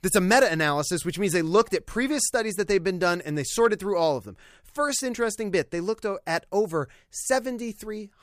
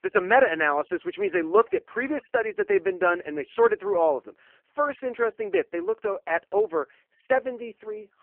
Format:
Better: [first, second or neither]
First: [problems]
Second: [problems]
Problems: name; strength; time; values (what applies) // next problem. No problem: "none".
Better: first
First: none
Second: phone-call audio; poor line